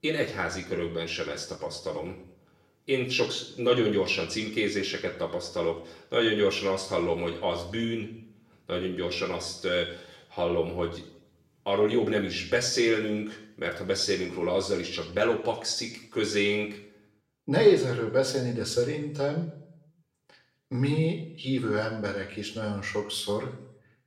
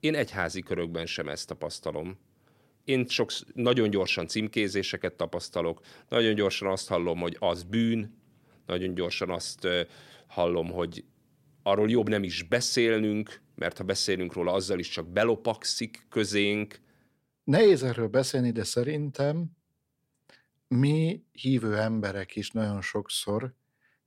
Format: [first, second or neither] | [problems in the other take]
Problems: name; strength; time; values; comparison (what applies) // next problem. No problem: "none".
second | room echo; slight; dies away in 0.6 s // off-mic speech; somewhat distant